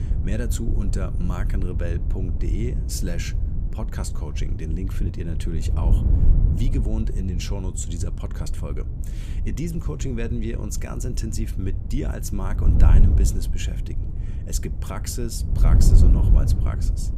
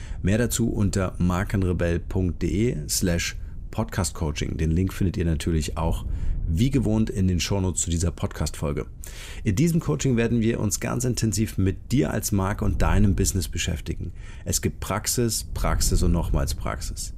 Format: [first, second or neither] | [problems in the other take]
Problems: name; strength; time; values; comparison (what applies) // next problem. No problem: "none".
second | wind noise on the microphone; heavy; 5 dB below the speech; occasional gusts in the second